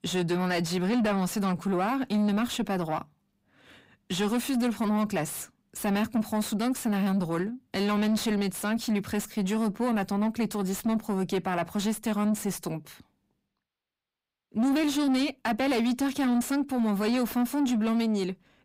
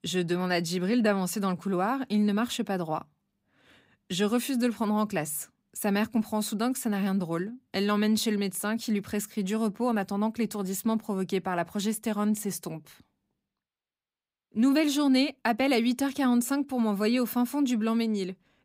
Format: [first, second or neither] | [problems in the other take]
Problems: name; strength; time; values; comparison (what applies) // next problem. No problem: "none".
second | distortion; slight; 10 dB below the speech